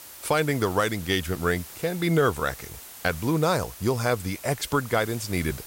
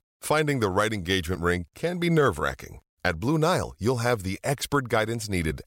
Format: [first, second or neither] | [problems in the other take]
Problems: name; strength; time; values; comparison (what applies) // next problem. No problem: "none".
second | hiss; noticeable; throughout; 15 dB below the speech